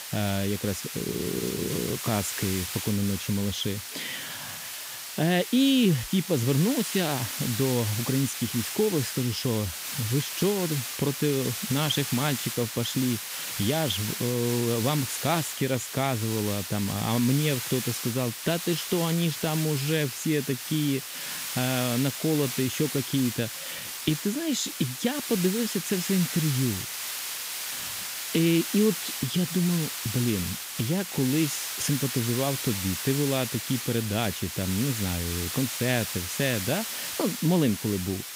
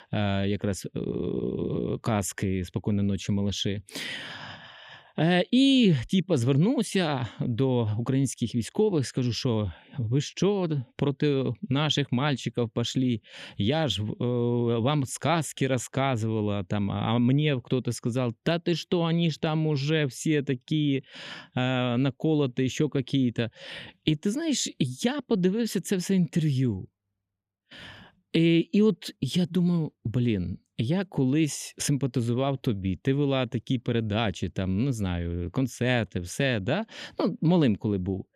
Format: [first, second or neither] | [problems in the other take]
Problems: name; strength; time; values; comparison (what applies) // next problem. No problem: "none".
second | hiss; loud; throughout; 4 dB below the speech